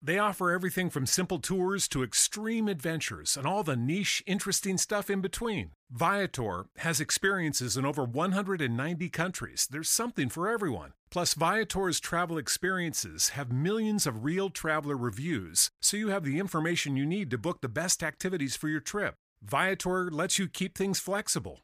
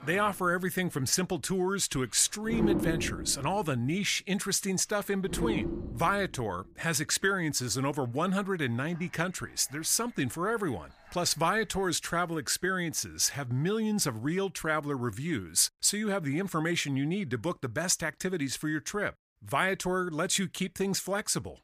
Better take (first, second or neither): first